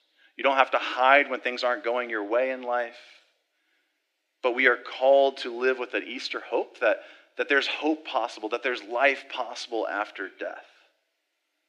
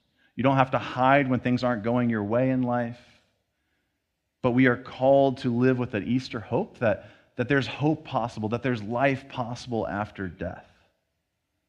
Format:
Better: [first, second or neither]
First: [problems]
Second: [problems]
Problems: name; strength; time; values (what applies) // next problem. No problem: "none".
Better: second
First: thin; very; fading below 300 Hz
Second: none